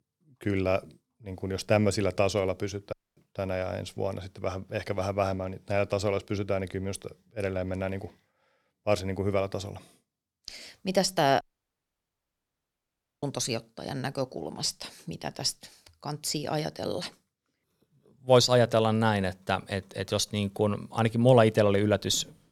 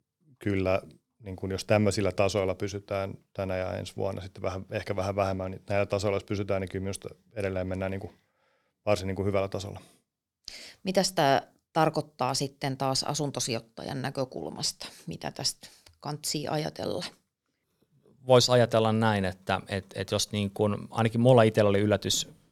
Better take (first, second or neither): second